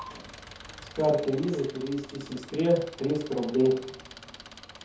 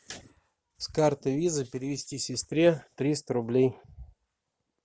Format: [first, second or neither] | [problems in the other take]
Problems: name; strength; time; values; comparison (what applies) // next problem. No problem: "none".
second | background sound (Engine); 17 dB below the speech // room echo; dies away in 0.6 s